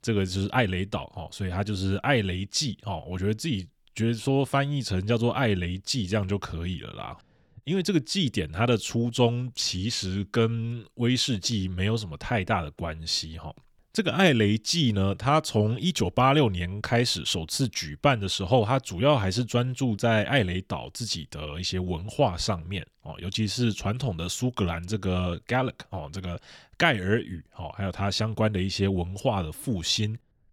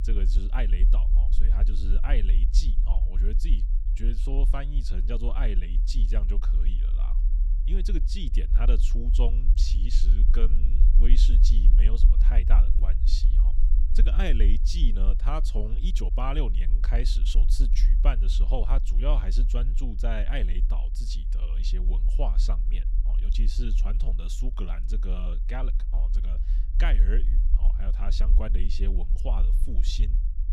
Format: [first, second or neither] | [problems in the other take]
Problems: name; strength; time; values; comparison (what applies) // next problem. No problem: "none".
first | low rumble; noticeable; throughout; 10 dB below the speech